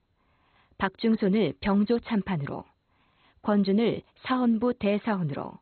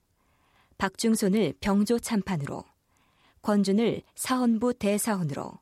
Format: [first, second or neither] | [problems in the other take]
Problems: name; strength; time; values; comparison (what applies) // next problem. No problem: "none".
second | garbled, watery; badly; nothing above 4 kHz